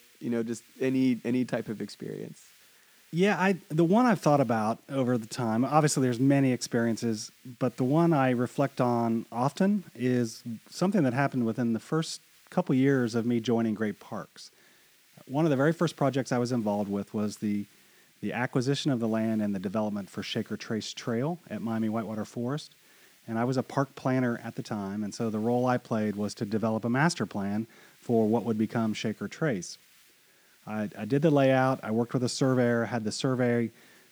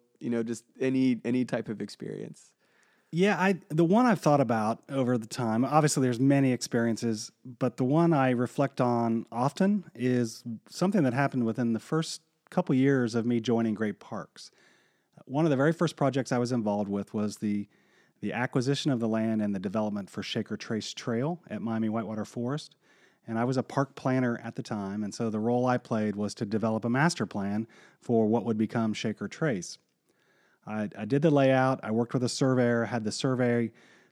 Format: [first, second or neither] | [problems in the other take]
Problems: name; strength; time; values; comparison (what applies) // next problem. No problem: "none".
second | hiss; faint; throughout; 30 dB below the speech